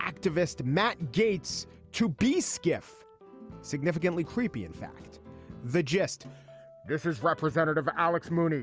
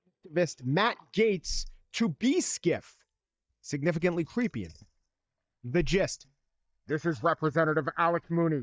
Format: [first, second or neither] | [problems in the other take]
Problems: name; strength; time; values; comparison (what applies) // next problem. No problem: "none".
first | noise reduction (neural mask model DeepFilterNet 3)